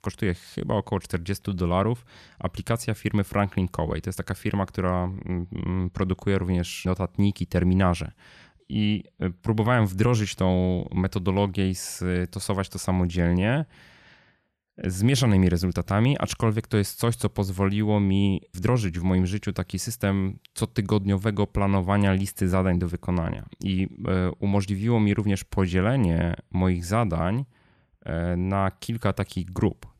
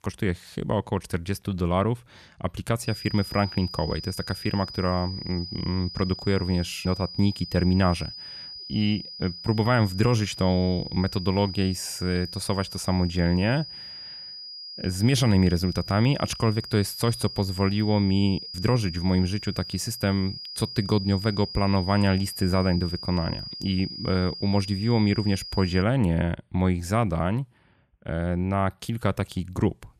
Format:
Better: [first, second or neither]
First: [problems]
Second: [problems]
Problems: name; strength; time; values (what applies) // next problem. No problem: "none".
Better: first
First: none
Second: high-pitched whine; noticeable; from 3 to 26 s; 5 kHz, 10 dB below the speech